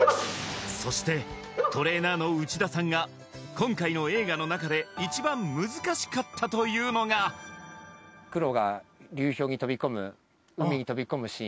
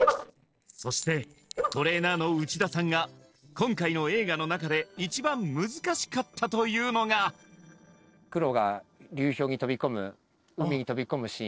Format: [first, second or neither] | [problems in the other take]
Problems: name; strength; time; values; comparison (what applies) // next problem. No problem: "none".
first | noise reduction (neural separator model SepFormer DNS4)